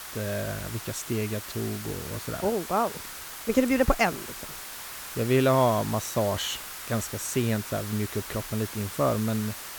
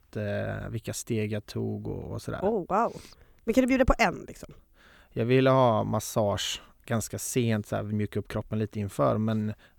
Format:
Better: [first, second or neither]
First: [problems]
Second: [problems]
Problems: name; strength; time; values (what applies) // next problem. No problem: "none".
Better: second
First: hiss; loud; throughout; 9 dB below the speech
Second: none